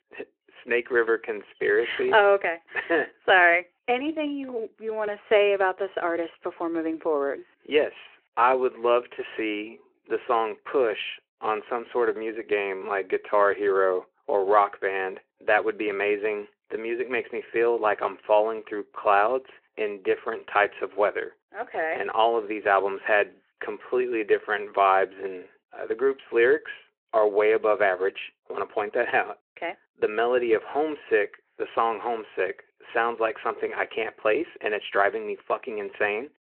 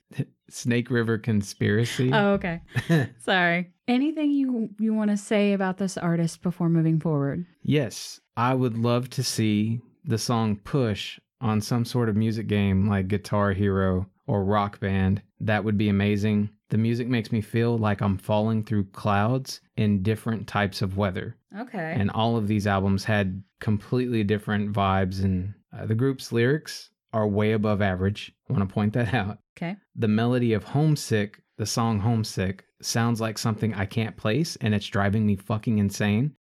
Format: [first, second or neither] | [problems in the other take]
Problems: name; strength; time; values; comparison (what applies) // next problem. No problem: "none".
second | phone-call audio